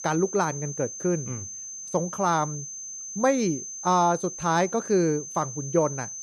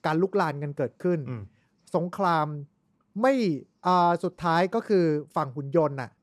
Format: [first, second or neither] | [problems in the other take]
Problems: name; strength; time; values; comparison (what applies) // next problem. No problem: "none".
second | high-pitched whine; loud; throughout; 6.5 kHz, 9 dB below the speech